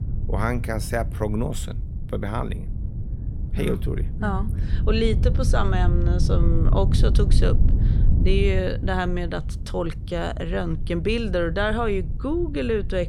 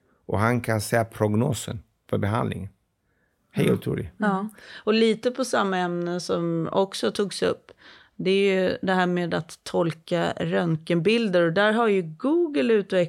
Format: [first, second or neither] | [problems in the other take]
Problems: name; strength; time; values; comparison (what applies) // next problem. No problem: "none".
second | wind noise on the microphone; occasional gusts; 10 dB below the speech